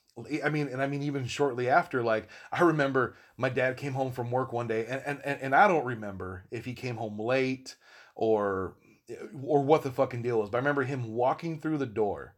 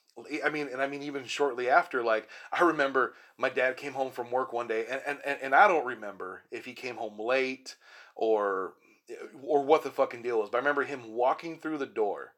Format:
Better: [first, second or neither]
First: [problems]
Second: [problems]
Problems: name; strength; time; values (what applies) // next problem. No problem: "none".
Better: first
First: none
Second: thin; somewhat; fading below 400 Hz